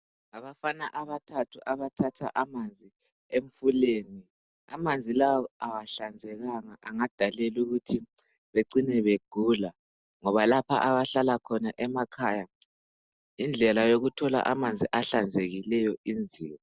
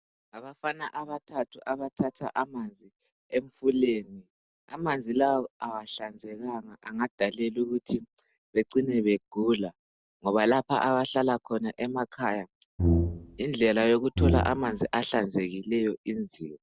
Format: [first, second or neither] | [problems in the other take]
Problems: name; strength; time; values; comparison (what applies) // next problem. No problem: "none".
first | background sound (Brass instrument); 3 dB above the speech